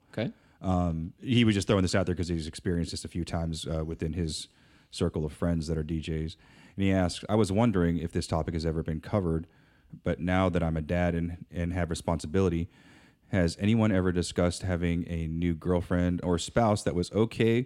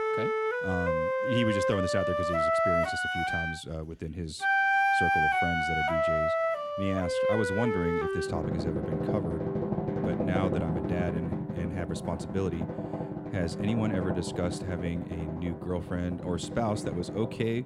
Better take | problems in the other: first | background music; very loud; throughout; 4 dB above the speech

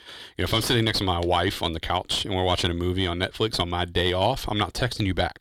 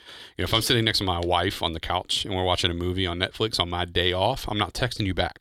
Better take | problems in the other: second | distortion; slight; 10 dB below the speech

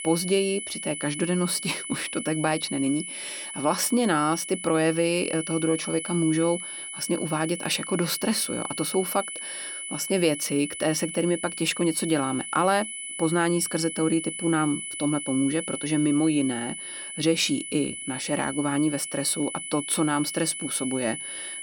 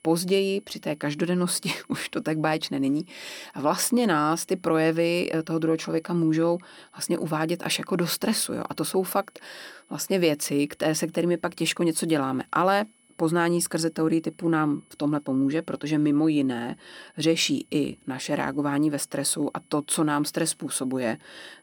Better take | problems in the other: second | high-pitched whine; loud; throughout; 10 kHz, 7 dB below the speech; faint in the second

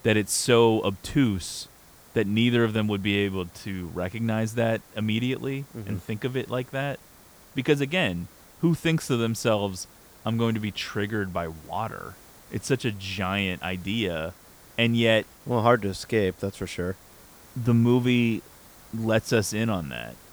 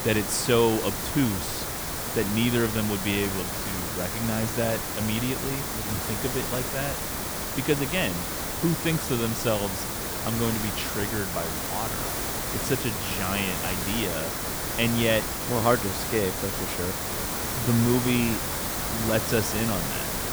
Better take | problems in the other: first | hiss; loud; throughout; 1 dB below the speech; faint in the first

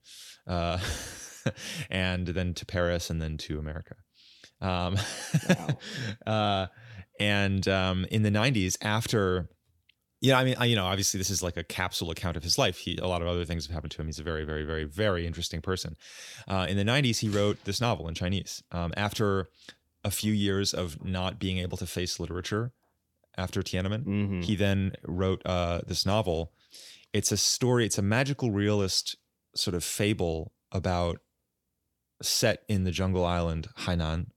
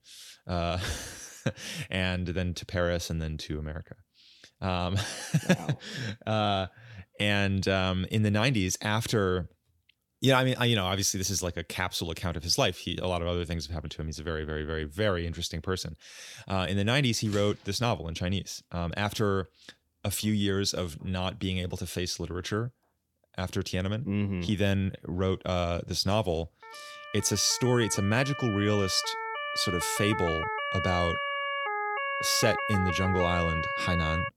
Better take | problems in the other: first | siren; noticeable; from 27 s on; peak 1 dB below the speech

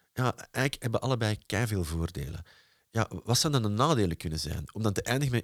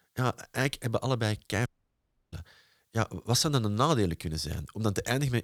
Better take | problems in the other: first | audio cutting out; at 1.5 s for 0.5 s

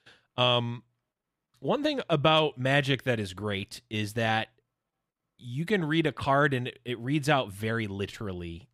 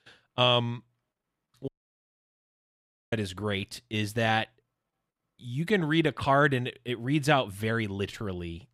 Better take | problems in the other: first | audio cutting out; at 1.5 s for 1.5 s

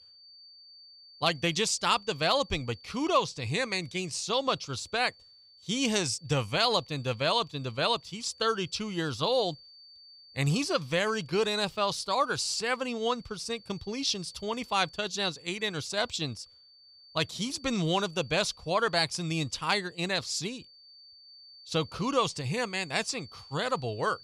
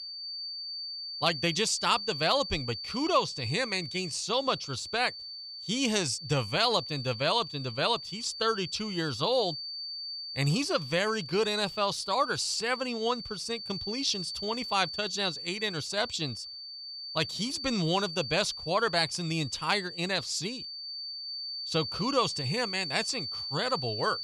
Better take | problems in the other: first | high-pitched whine; loud; throughout; 4.5 kHz, 7 dB below the speech; faint in the first

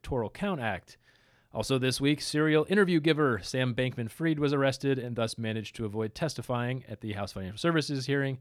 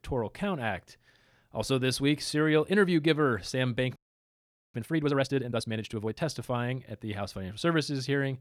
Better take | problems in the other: first | audio freezing; at 4 s for 1 s

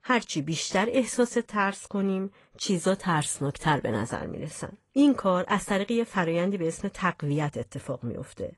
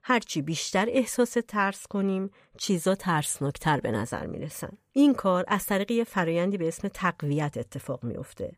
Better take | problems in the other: second | garbled, watery; slightly; nothing above 10.5 kHz

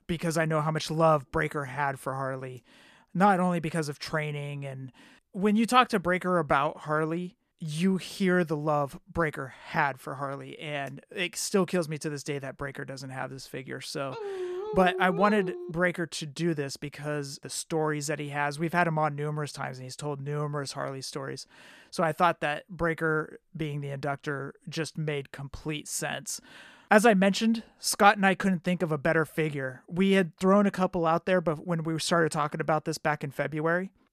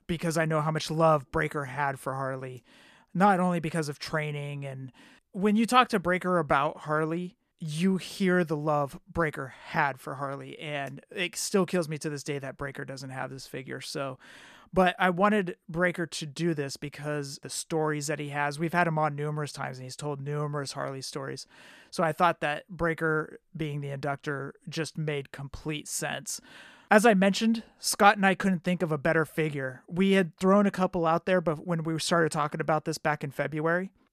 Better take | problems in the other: second | dog barking; noticeable; from 14 to 16 s; peak 6 dB below the speech

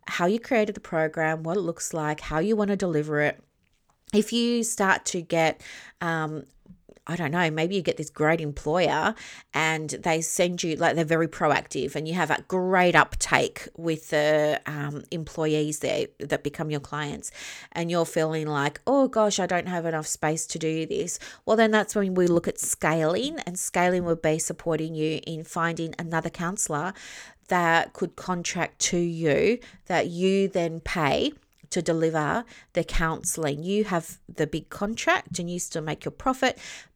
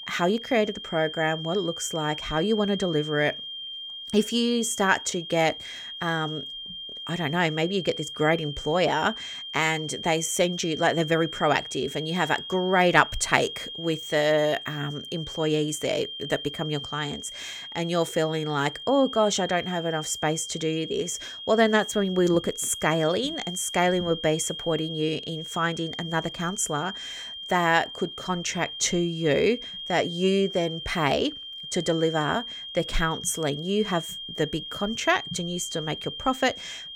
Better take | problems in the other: first | high-pitched whine; loud; throughout; 3 kHz, 9 dB below the speech

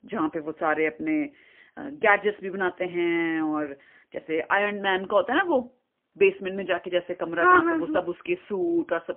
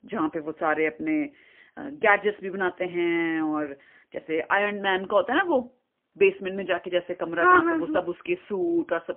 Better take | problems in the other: neither | phone-call audio; poor line; nothing above 3 kHz; the same in both

